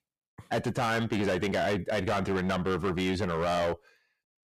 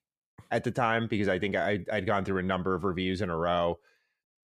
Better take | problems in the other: second | distortion; heavy; 16% of the sound clipped

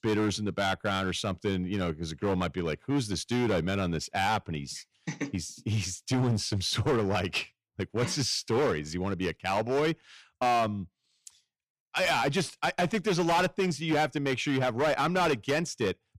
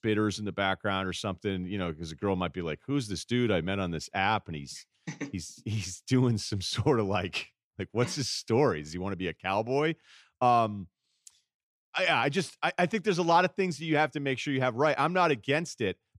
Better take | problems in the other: second | distortion; heavy; 9% of the sound clipped

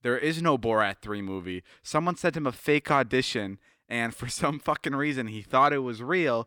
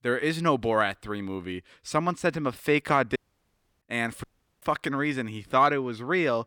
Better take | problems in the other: first | audio cutting out; at 3 s for 0.5 s and at 4 s

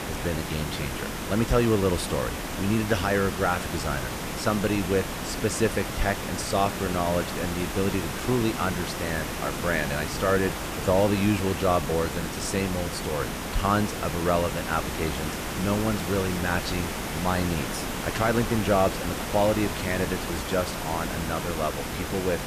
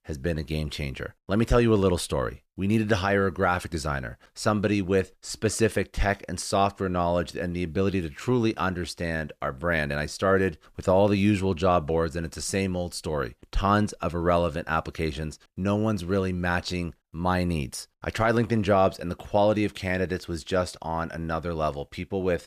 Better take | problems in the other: second | hiss; loud; throughout; 4 dB below the speech

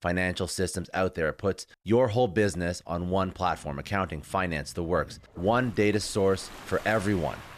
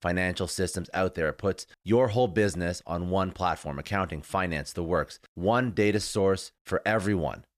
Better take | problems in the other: second | rain or running water; noticeable; from 3 s on; 20 dB below the speech

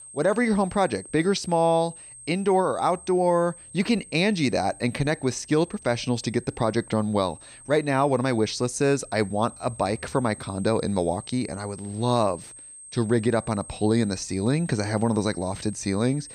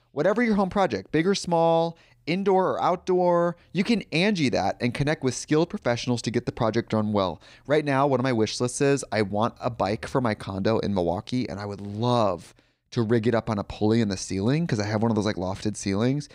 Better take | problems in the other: second | high-pitched whine; noticeable; throughout; 8.5 kHz, 15 dB below the speech

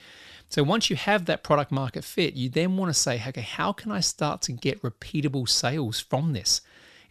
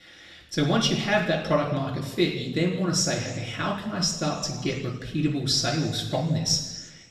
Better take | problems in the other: first | room echo; noticeable; dies away in 1.1 s // off-mic speech; far

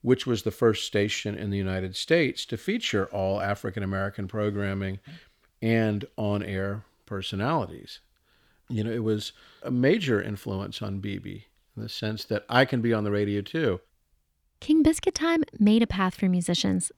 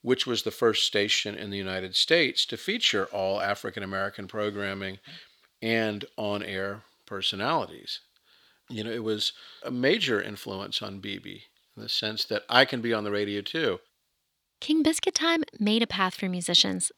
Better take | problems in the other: first | thin; very slightly; fading below 500 Hz

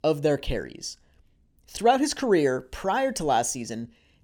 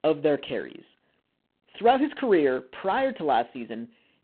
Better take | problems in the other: first | phone-call audio; poor line

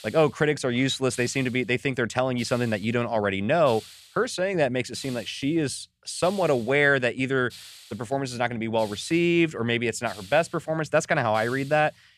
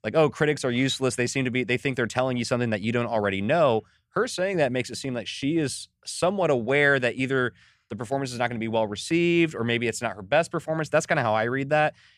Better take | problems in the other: second | hiss; faint; throughout; 20 dB below the speech

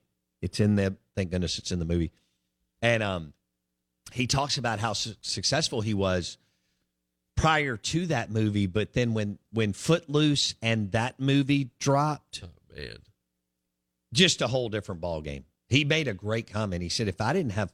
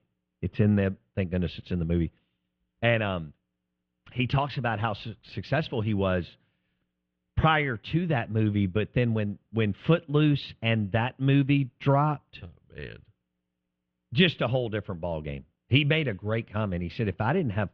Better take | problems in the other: first | muffled; very; fading above 3 kHz

